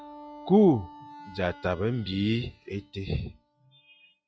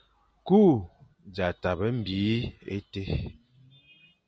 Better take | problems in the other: second | noise reduction (classical method log-MMSE)

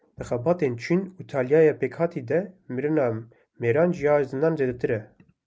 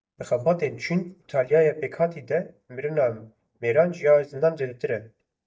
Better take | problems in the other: first | noise reduction (neural mask model DeepFilterNet 3)

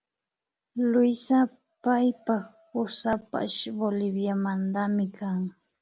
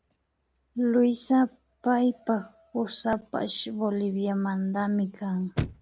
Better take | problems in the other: first | background sound (Chirp, tweet / Slam / Car); 15 dB below the speech

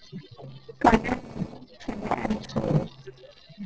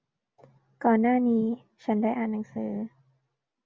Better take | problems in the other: second | noise reduction (neural separator model SepFormer DNS4)

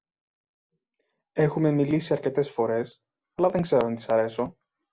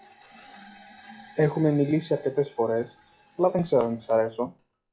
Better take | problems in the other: first | noise reduction (classical method log-MMSE)

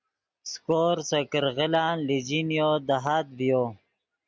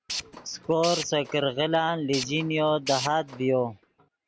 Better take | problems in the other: first | background sound (Tools); 11 dB below the speech

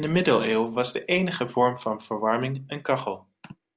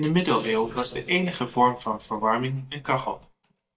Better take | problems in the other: first | noise reduction (neural mask model DeepFilterNet 3)

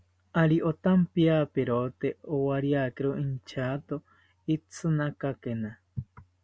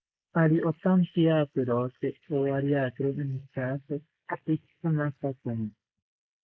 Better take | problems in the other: first | noise reduction (neural mask model Resemble Enhance denoiser)

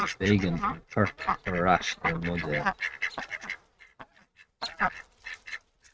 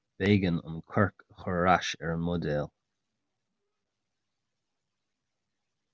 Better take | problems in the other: second | noise reduction (neural mask model RNNoise)

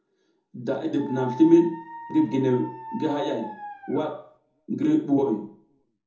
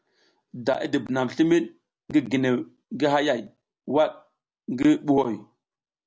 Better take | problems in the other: second | background sound (Dog); 14 dB below the speech // room echo; dies away in 0.6 s

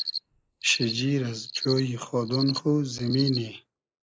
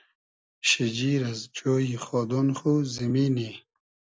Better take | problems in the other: second | noise reduction (neural mask model Resemble Enhance denoiser)

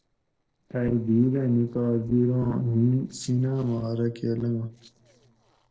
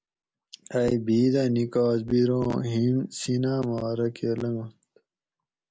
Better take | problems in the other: second | noise reduction (neural separator model SepFormer DNS4)

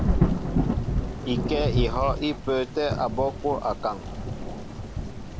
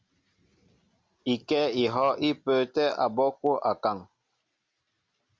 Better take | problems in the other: second | background sound (Thunder / Rain); 2 dB above the speech

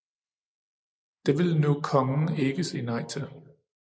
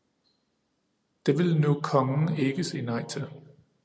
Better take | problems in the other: second | noise reduction (neural mask model Resemble Enhance denoiser)

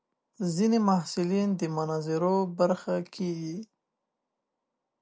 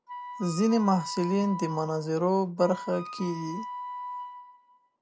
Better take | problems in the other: first | background sound (Wind instrument, woodwind instrument); 11 dB below the speech

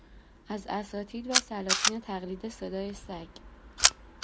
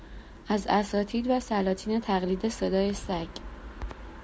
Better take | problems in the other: second | background sound (Camera); 5 dB above the speech

